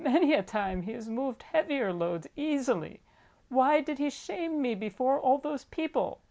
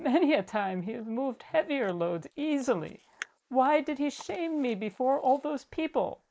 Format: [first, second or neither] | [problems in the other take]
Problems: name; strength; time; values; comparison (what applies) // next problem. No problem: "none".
first | noise reduction (neural mask model Resemble Enhance denoiser)